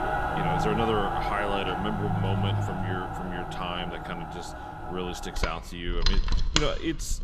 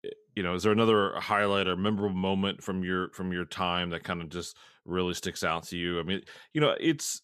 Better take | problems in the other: second | machinery noise; very loud; throughout; 2 dB above the speech

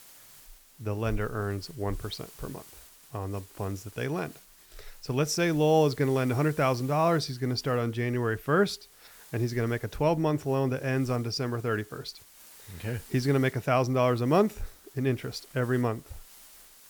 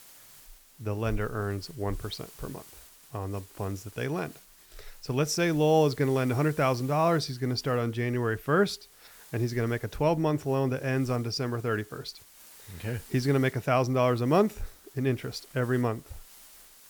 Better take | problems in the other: neither | hiss; faint; throughout; 20 dB below the speech; the same in both

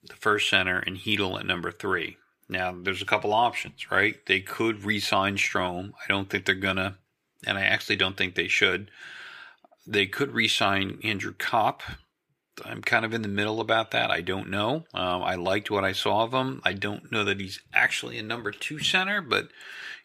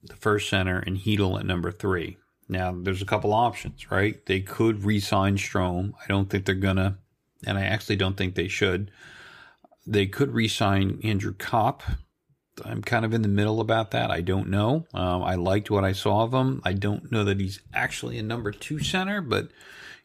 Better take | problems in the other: second | thin; somewhat; fading below 650 Hz

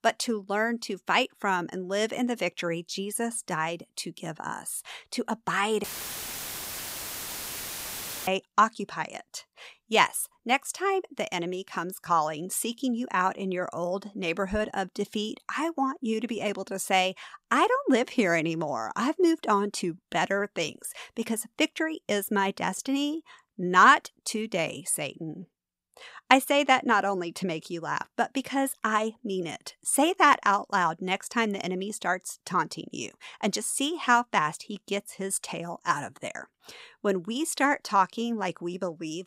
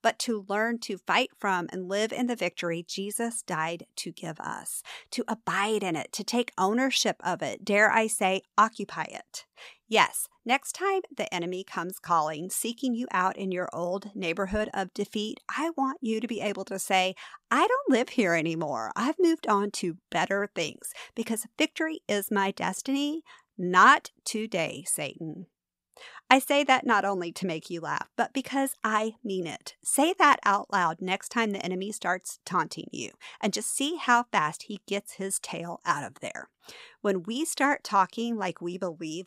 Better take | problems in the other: second | audio cutting out; filled with static; at 6 s for 2.5 s

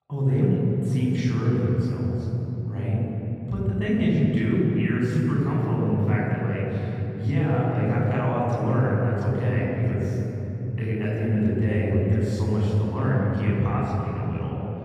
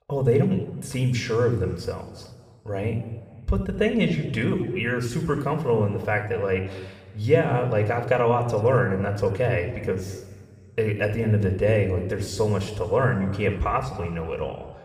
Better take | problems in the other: second | room echo; strong; dies away in 3 s; slight in the second // off-mic speech; far

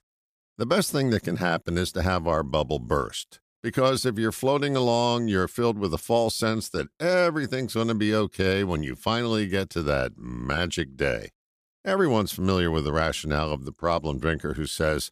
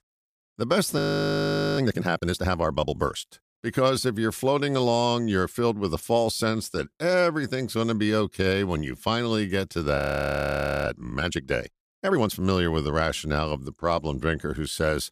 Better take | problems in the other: first | audio freezing; at 1 s for 1 s and at 10 s for 1 s

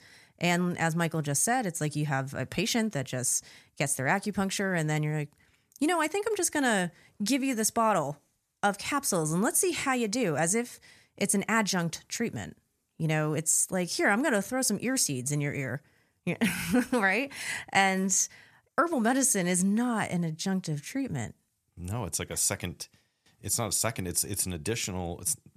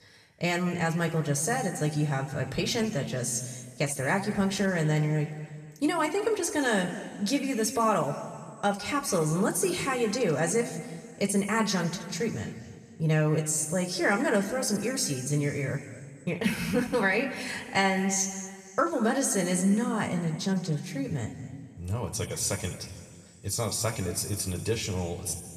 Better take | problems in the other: first | room echo; slight; dies away in 2 s

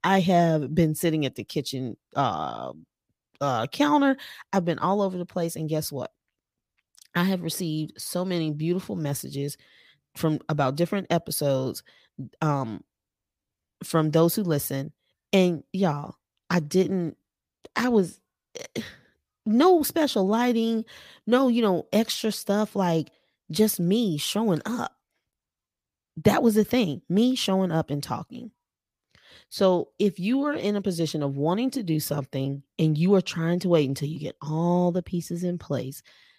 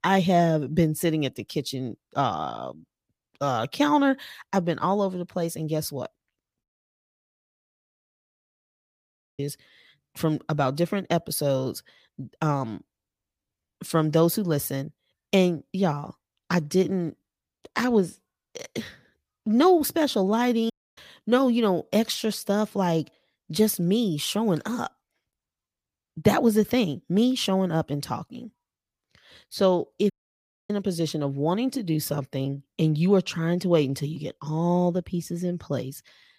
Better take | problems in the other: first | audio cutting out; at 6.5 s for 3 s, at 21 s and at 30 s for 0.5 s

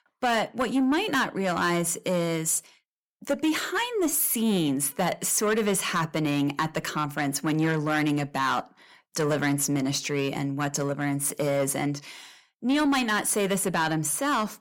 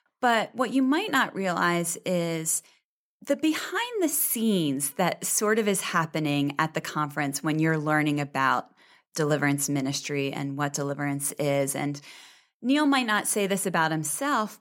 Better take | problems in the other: second | distortion; slight; 10 dB below the speech

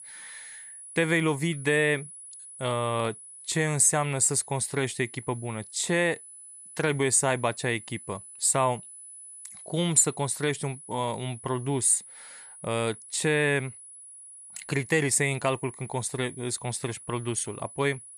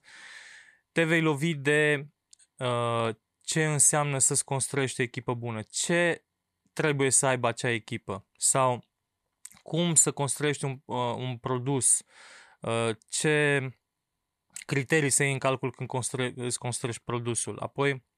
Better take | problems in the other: second | high-pitched whine; noticeable; throughout; 10 kHz, 15 dB below the speech

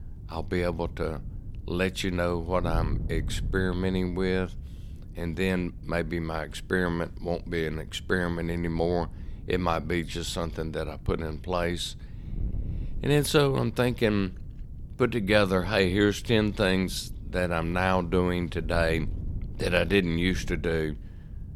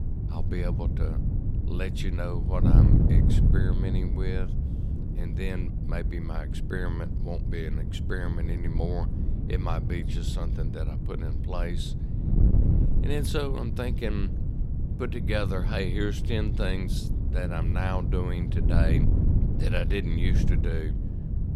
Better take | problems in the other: first | wind noise on the microphone; heavy; 4 dB below the speech; occasional gusts in the first

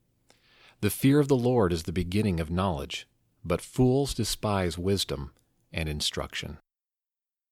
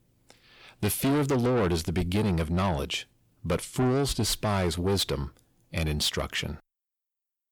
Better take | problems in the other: first | distortion; heavy; 7 dB below the speech

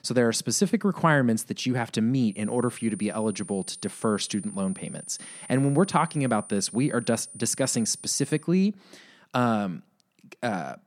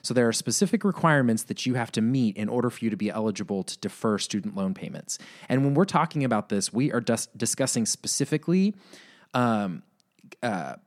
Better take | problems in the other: second | high-pitched whine; noticeable; from 2.5 to 8.5 s; 9.5 kHz, 15 dB below the speech

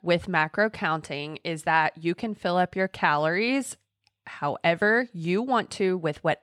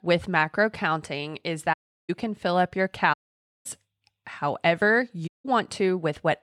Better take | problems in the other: first | audio cutting out; at 1.5 s, at 3 s for 0.5 s and at 5.5 s

